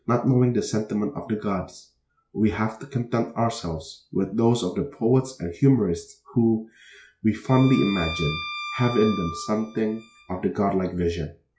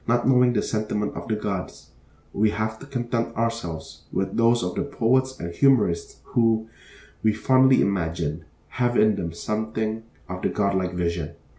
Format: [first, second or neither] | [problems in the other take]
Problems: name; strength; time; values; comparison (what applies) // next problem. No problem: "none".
second | noise reduction (classical method log-MMSE)